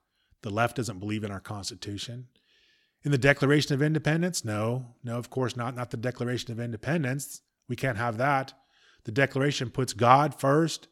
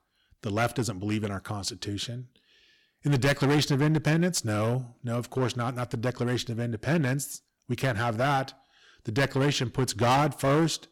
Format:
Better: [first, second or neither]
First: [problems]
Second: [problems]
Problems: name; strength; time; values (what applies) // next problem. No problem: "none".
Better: first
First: none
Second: distortion; heavy; 8% of the sound clipped